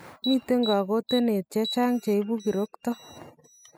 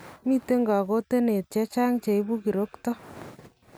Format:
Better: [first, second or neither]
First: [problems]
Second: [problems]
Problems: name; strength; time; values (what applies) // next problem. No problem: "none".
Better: second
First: noise reduction (classical method spectral subtraction)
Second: none